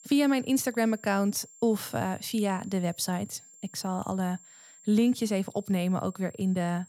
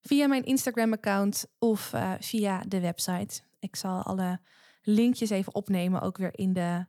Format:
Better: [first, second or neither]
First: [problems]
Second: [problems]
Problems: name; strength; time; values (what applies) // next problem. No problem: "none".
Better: second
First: high-pitched whine; faint; throughout; 7.5 kHz, 20 dB below the speech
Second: none